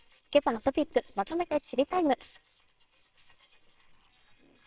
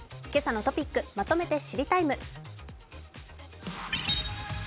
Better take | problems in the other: second | noise reduction (neural separator model SepFormer WHAMR!)

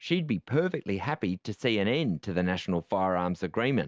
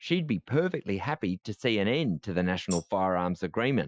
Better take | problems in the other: first | noise reduction (classical method Wiener filter)

